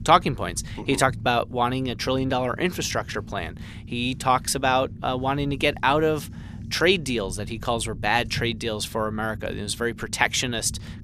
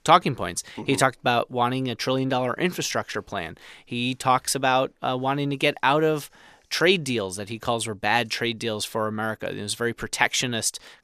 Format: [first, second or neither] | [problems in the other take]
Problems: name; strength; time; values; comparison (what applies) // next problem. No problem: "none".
second | low rumble; faint; throughout; 25 dB below the speech